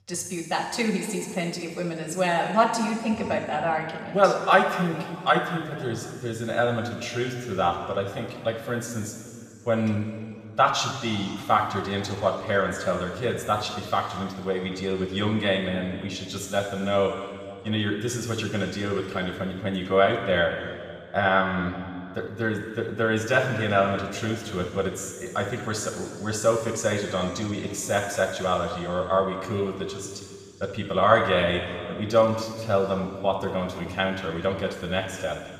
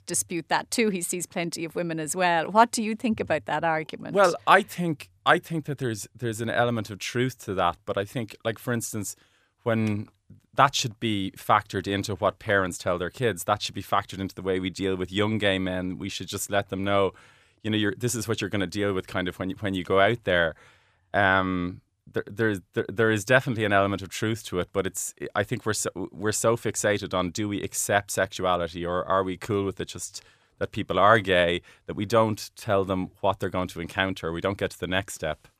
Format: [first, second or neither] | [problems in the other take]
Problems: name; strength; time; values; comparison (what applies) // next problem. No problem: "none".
second | room echo; noticeable; dies away in 2.2 s // off-mic speech; far